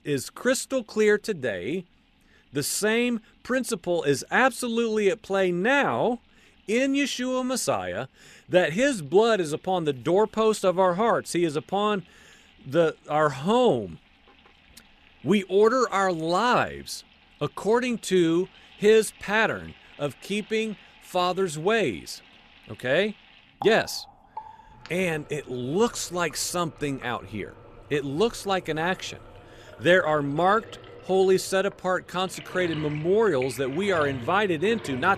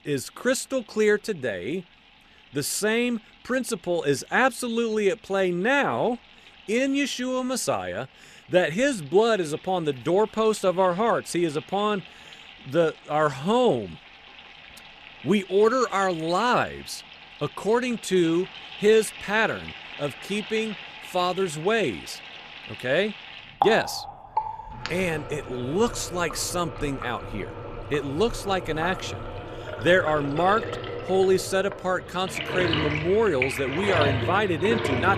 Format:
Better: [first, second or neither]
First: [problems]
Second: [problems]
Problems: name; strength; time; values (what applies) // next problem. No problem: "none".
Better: first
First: household noises; faint; throughout; 20 dB below the speech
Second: household noises; loud; throughout; 9 dB below the speech